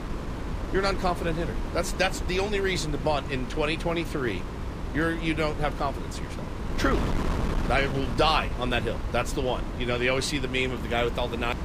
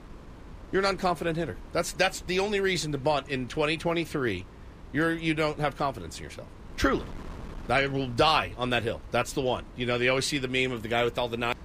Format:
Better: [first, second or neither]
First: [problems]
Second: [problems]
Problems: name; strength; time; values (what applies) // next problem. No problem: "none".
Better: second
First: wind noise on the microphone; heavy; 10 dB below the speech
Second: wind noise on the microphone; occasional gusts; 25 dB below the speech